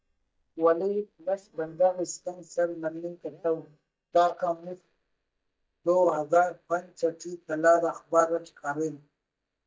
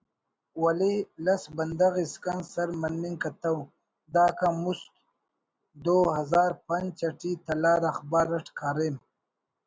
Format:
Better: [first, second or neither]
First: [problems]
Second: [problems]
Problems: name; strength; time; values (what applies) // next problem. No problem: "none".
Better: second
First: noise reduction (neural mask model DeepFilterNet 3)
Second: none